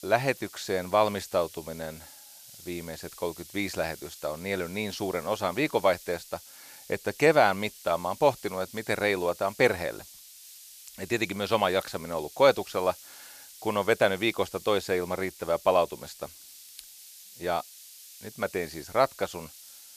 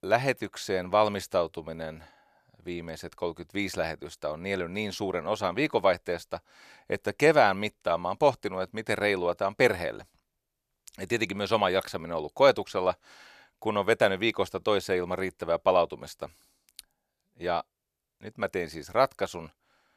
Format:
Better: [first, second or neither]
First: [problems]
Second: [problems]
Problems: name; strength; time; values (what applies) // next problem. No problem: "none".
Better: second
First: hiss; noticeable; throughout; 20 dB below the speech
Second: none